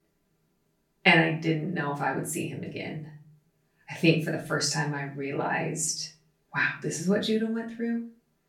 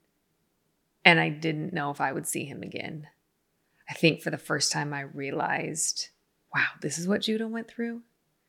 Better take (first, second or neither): second